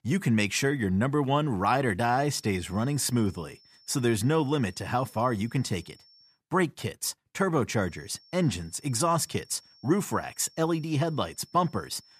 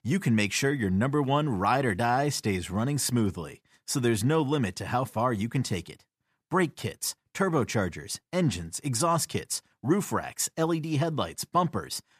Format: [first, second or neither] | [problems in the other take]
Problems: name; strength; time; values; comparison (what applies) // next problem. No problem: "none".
second | high-pitched whine; faint; from 2 to 6.5 s and from 8 s on; 5.5 kHz, 30 dB below the speech